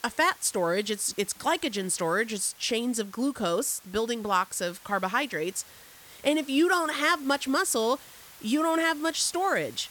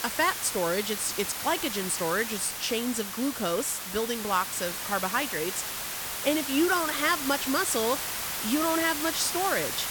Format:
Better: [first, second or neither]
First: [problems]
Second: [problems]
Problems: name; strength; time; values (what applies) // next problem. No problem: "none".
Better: first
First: hiss; faint; throughout; 20 dB below the speech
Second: hiss; loud; throughout; 3 dB below the speech